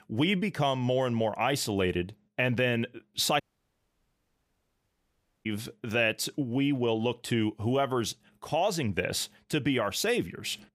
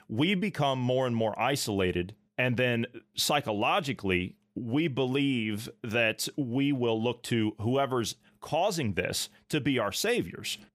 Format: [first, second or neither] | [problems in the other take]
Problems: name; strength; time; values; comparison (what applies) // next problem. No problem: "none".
second | audio cutting out; at 3.5 s for 2 s